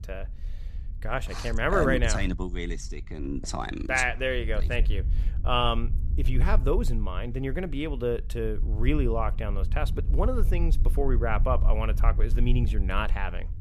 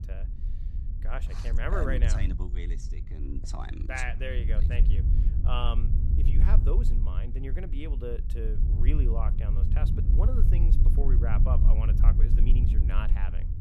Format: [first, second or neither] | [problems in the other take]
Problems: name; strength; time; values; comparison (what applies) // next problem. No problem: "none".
first | wind noise on the microphone; heavy; 6 dB below the speech; occasional gusts in the first